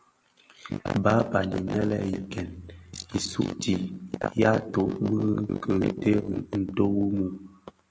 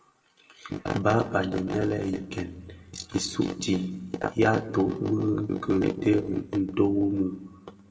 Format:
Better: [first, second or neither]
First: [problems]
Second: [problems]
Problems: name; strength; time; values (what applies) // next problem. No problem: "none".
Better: first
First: none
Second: room echo; dies away in 1.1 s